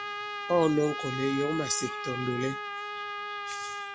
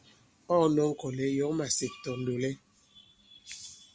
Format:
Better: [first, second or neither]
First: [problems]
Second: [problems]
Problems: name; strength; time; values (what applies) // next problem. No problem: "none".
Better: second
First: background sound (Trumpet); 5 dB below the speech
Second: none